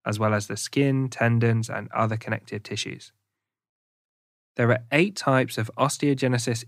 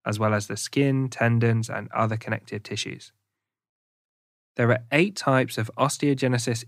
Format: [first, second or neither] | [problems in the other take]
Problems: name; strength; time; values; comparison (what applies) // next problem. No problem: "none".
neither | none